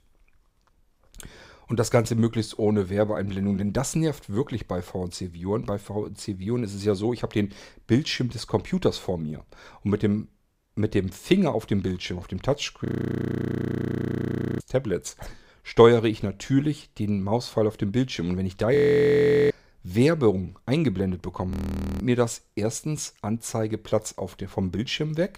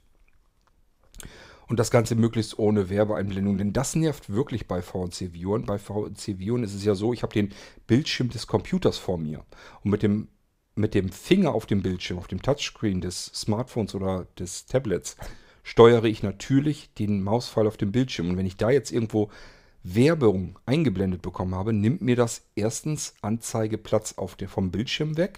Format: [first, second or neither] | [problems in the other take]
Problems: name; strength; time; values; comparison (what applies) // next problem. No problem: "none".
second | audio freezing; at 13 s for 2 s, at 19 s for 1 s and at 22 s